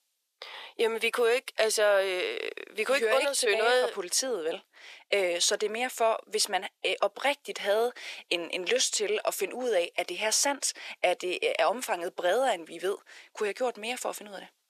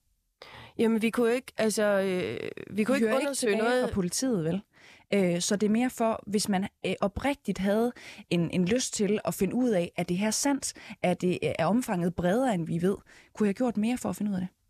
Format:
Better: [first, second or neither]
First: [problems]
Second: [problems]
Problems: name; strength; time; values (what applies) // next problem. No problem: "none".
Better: second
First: thin; very; fading below 400 Hz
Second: none